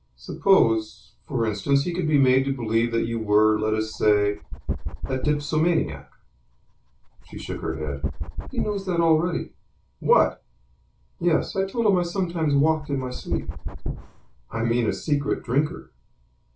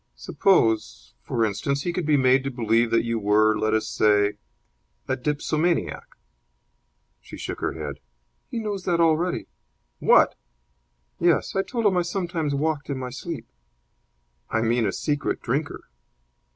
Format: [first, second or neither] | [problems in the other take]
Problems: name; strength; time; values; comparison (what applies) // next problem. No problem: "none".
second | background sound (Dog); 7 dB below the speech // room echo; dies away in 0.2 s